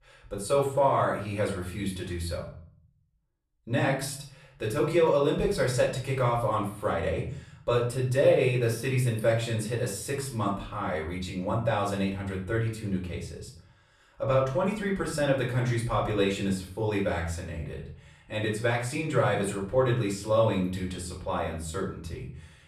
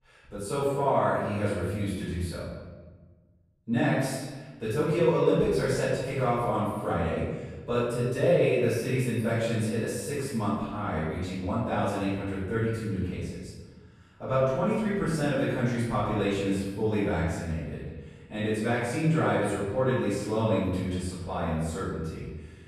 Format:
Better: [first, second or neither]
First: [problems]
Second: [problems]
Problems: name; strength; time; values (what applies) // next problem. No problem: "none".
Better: first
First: room echo; slight; dies away in 0.5 s // off-mic speech; far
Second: room echo; strong; dies away in 1.3 s // off-mic speech; far